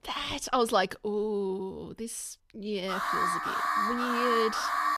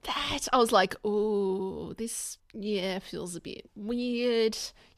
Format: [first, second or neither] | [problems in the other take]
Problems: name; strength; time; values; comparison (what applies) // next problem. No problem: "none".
second | alarm; loud; from 3 s on; peak 4 dB above the speech